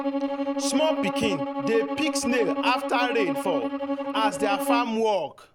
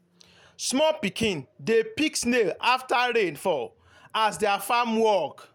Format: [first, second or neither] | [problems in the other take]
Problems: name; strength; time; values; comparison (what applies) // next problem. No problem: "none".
second | background sound (Bowed string instrument); 1 dB below the speech